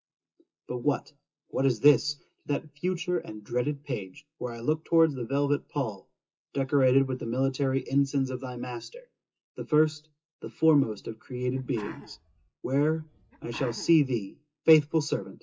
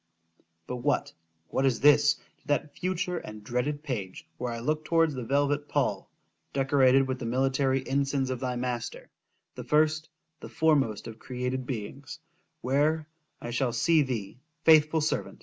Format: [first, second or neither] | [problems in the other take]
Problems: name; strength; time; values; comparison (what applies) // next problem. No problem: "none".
second | noise reduction (classical method WPE with log-MMSE)